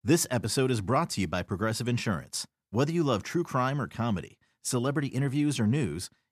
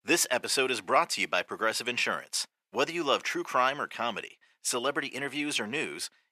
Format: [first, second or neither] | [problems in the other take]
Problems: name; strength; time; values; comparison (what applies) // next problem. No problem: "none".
first | thin; very; fading below 550 Hz